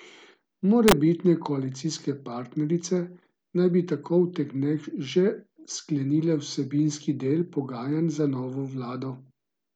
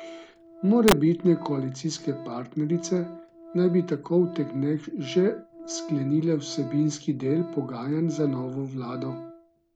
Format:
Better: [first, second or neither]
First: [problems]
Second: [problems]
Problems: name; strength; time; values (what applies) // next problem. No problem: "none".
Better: first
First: none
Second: background sound (Organ); 15 dB below the speech